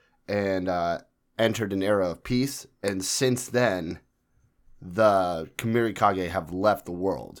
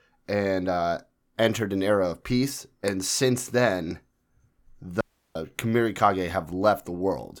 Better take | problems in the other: first | audio cutting out; at 5 s

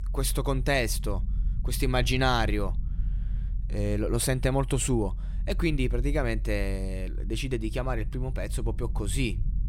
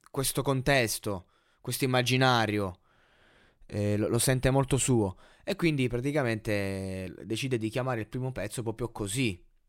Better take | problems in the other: second | low rumble; faint; throughout; 20 dB below the speech

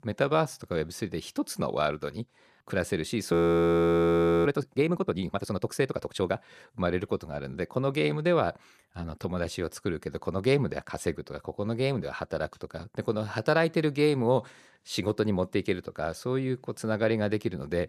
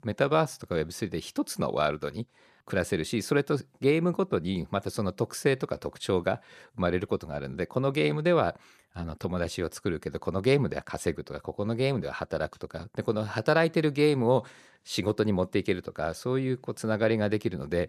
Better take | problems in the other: second | audio freezing; at 3.5 s for 1 s

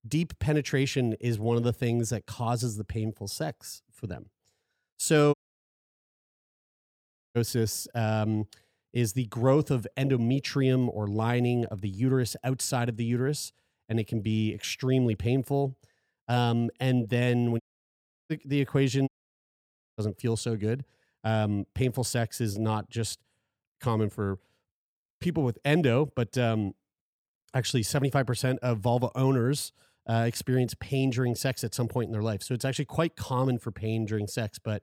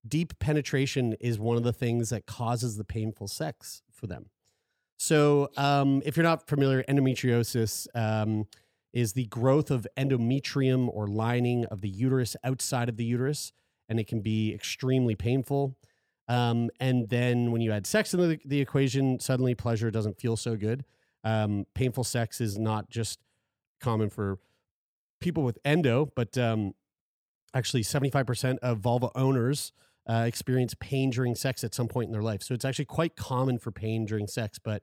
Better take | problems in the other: second | audio cutting out; at 5.5 s for 2 s, at 18 s for 0.5 s and at 19 s for 1 s

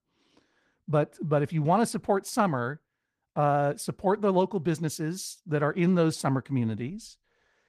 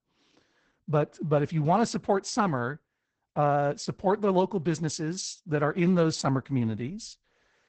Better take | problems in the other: first | garbled, watery; badly; nothing above 8 kHz; slightly in the first

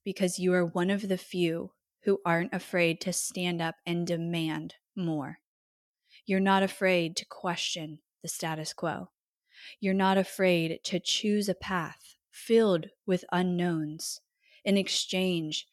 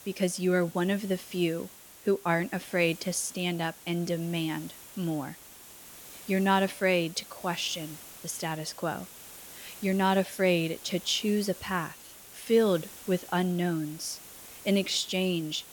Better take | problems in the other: first | hiss; noticeable; throughout; 15 dB below the speech

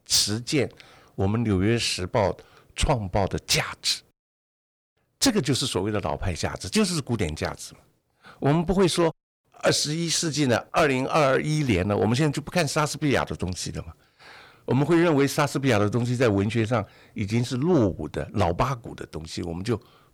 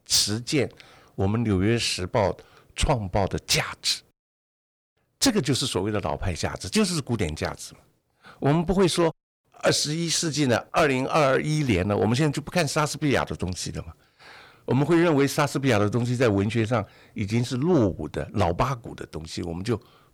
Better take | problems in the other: neither | distortion; slight; 10 dB below the speech; the same in both

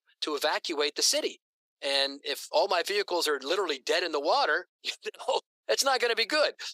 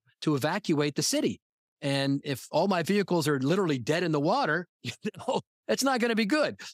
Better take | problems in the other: second | thin; very; fading below 400 Hz

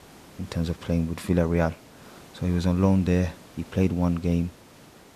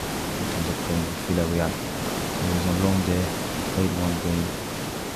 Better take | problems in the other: first | hiss; loud; throughout; 1 dB below the speech; faint in the first

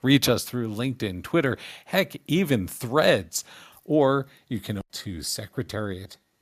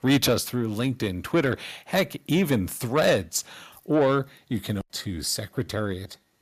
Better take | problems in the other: first | distortion; slight; 10 dB below the speech

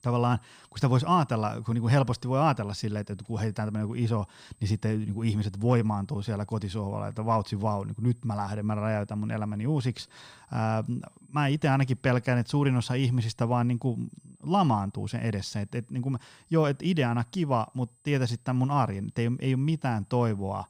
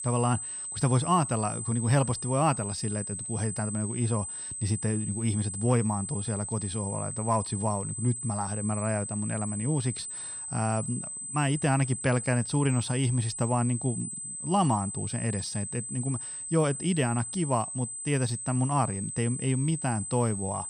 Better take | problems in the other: first | high-pitched whine; loud; throughout; 8 kHz, 5 dB below the speech; faint in the first

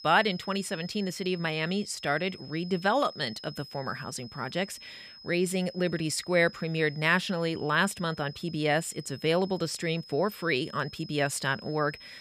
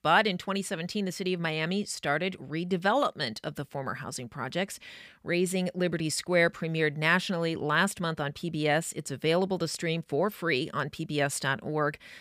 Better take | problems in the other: second | high-pitched whine; noticeable; throughout; 5 kHz, 15 dB below the speech

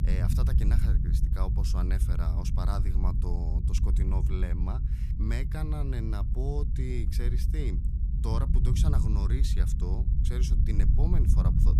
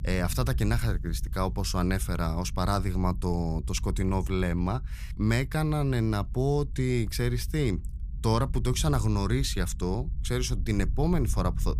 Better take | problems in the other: second | low rumble; loud; throughout; 3 dB below the speech; faint in the second

